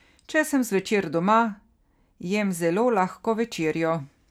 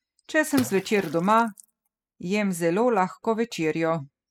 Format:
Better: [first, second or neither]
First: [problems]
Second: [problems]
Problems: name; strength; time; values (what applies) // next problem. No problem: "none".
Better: first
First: none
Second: noise reduction (classical method spectral subtraction)